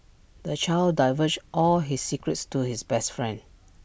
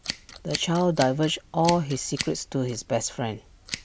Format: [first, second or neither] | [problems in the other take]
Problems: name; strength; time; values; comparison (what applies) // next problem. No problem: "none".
first | background sound (Scissors); 12 dB below the speech